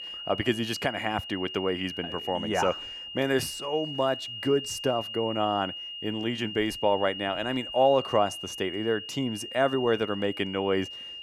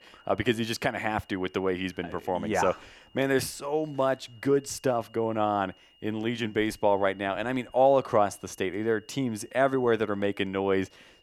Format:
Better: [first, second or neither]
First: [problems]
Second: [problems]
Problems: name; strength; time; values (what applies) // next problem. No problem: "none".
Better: second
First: high-pitched whine; loud; throughout; 3 kHz, 8 dB below the speech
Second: high-pitched whine; faint; throughout; 3 kHz, 30 dB below the speech